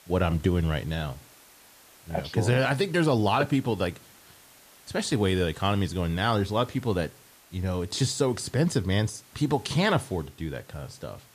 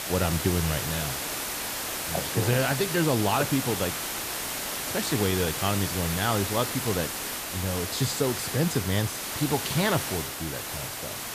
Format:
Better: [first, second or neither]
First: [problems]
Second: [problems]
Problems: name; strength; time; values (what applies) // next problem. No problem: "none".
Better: first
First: hiss; faint; throughout; 25 dB below the speech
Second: hiss; loud; throughout; 2 dB below the speech